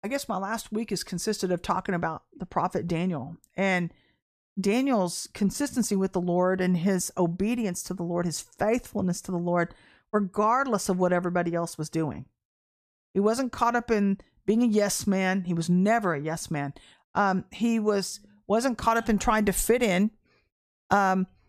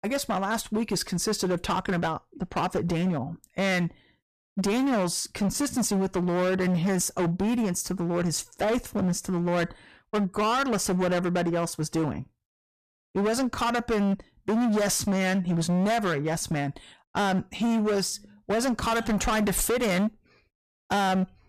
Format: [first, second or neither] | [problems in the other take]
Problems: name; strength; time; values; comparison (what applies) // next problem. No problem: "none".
first | distortion; heavy; 21% of the sound clipped